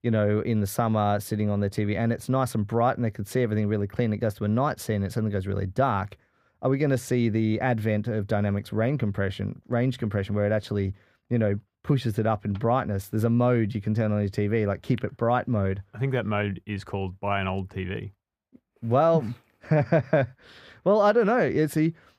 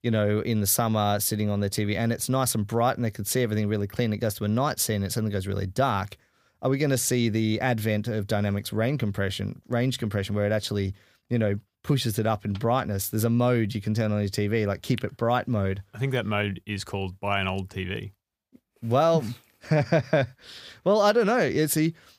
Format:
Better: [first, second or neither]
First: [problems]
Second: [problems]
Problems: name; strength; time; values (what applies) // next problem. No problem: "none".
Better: second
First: muffled; slightly; fading above 3 kHz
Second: none